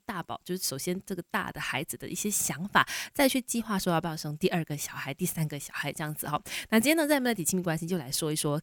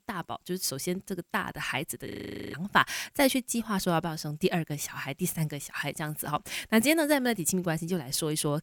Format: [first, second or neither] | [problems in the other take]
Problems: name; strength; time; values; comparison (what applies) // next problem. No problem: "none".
first | audio freezing; at 2 s